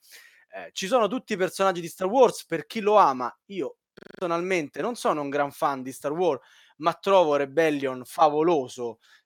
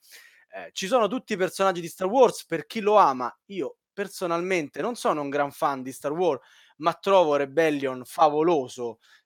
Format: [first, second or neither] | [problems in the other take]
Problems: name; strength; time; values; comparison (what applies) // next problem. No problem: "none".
second | audio freezing; at 4 s